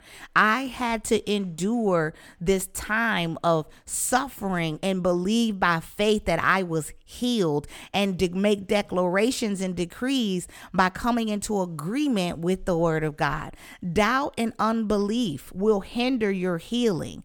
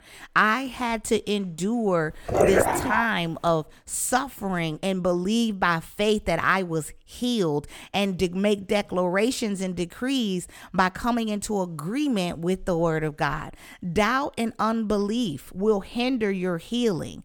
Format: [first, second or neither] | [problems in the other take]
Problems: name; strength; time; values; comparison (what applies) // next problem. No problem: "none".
first | dog barking; loud; at 2.5 s; peak 5 dB above the speech